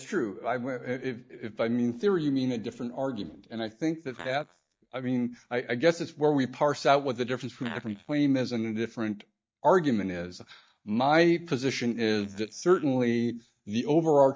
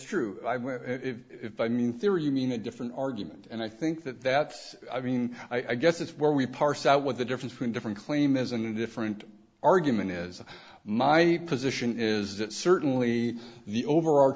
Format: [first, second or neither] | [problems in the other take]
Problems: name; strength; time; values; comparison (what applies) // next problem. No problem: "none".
second | noise reduction (neural mask model DeepFilterNet 3)